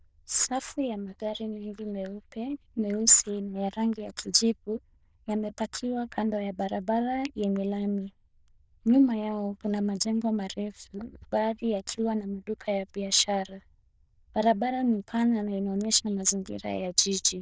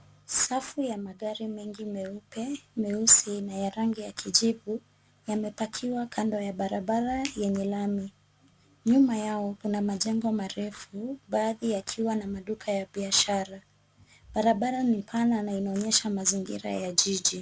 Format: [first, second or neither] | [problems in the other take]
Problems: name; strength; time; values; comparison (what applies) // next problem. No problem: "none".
second | noise reduction (neural diffusion model UNIVERSE++)